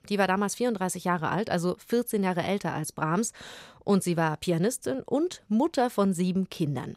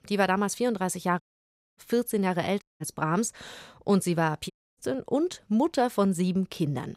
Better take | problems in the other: first | audio cutting out; at 1 s for 0.5 s, at 2.5 s and at 4.5 s

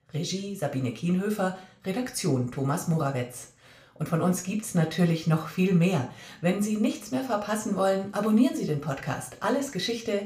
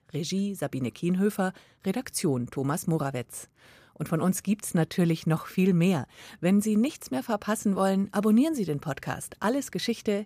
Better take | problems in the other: second | room echo; slight; dies away in 0.4 s // off-mic speech; somewhat distant

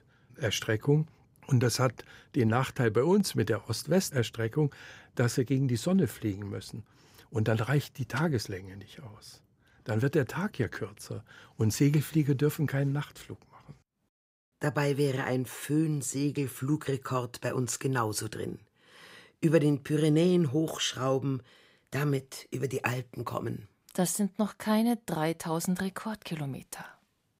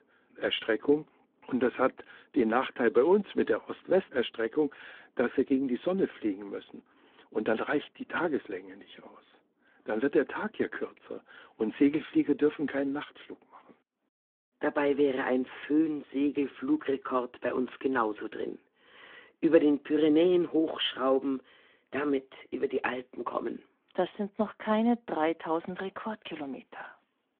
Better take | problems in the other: first | phone-call audio

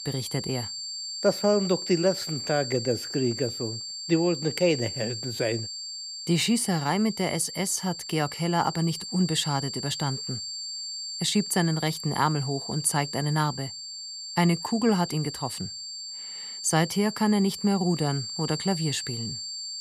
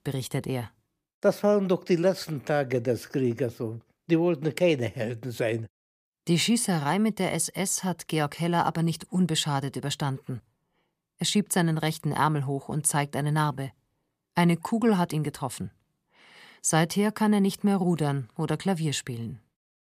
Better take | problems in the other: second | high-pitched whine; loud; throughout; 4.5 kHz, 7 dB below the speech

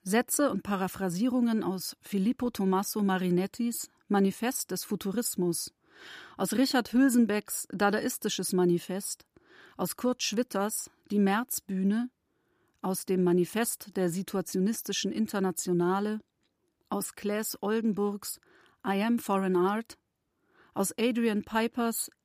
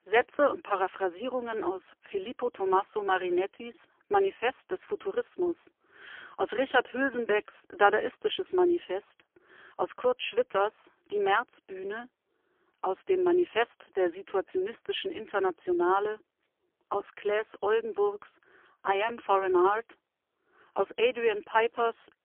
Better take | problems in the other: first | phone-call audio; poor line; nothing above 3.5 kHz

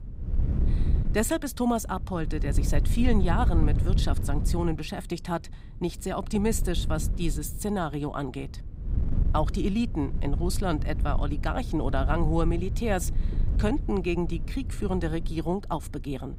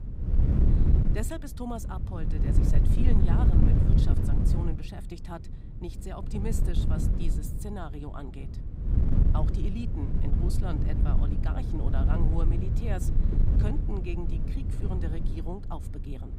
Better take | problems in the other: first | wind noise on the microphone; heavy; 1 dB above the speech; occasional gusts in the first

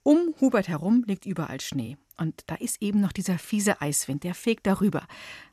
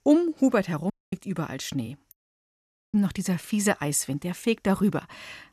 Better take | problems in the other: first | audio cutting out; at 1 s and at 2 s for 1 s

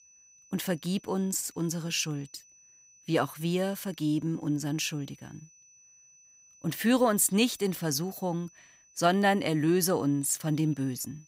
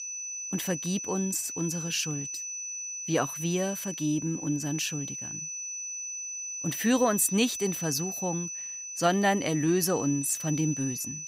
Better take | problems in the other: first | high-pitched whine; loud; throughout; 6 kHz, 6 dB below the speech; faint in the first

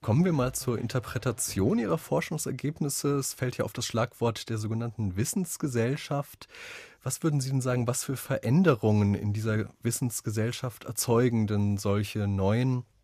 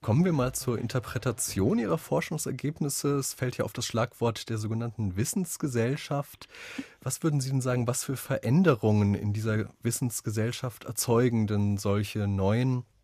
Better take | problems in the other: first | phone ringing; faint; at 7 s; peak 15 dB below the speech

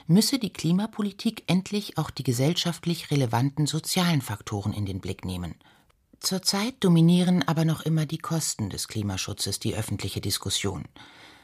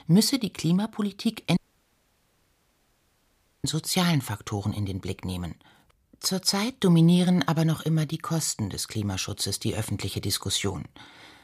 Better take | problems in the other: first | audio cutting out; at 1.5 s for 2 s

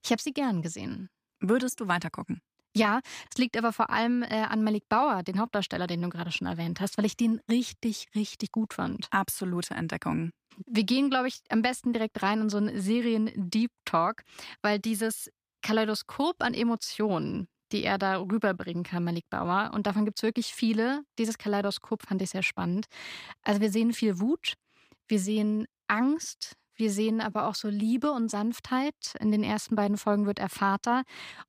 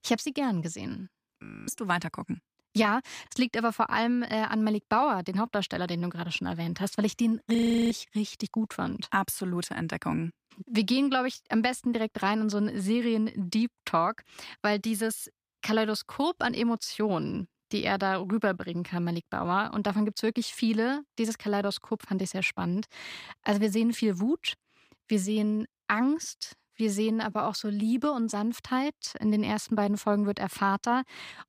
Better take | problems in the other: first | audio freezing; at 1.5 s and at 7.5 s

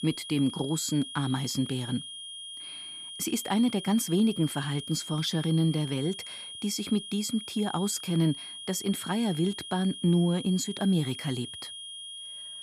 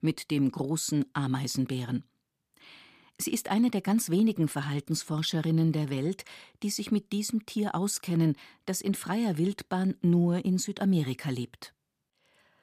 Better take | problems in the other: second | high-pitched whine; loud; throughout; 3.5 kHz, 10 dB below the speech

